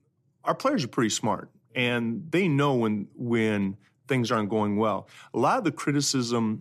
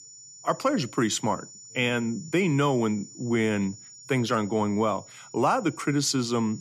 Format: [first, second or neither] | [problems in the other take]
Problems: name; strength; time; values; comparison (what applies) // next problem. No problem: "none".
first | high-pitched whine; noticeable; throughout; 7 kHz, 20 dB below the speech